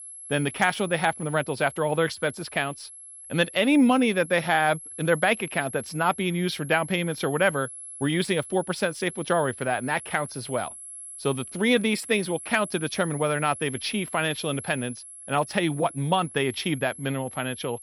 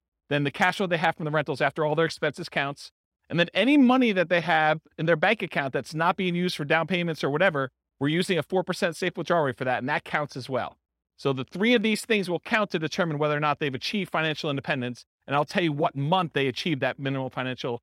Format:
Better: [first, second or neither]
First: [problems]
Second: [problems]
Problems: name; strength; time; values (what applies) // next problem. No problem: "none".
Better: second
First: high-pitched whine; noticeable; throughout; 11 kHz, 15 dB below the speech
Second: none